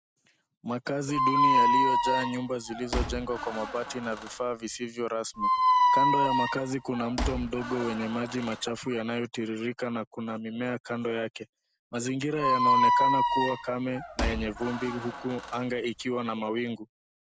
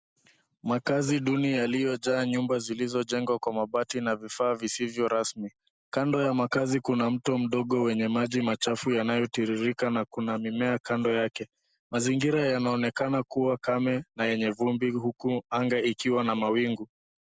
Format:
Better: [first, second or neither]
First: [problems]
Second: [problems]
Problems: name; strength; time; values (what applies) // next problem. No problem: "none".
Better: second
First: background sound (Squeak); 4 dB above the speech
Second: none